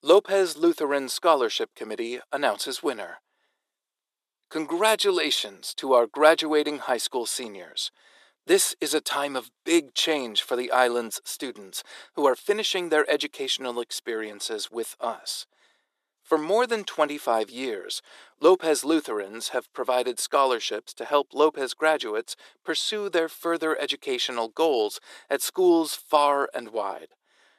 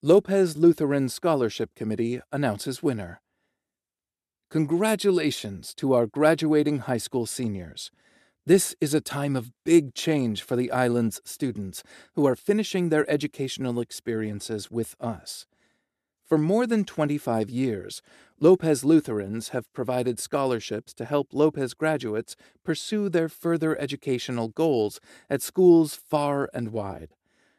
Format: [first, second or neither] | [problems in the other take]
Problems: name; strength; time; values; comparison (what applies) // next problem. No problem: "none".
second | thin; very; fading below 400 Hz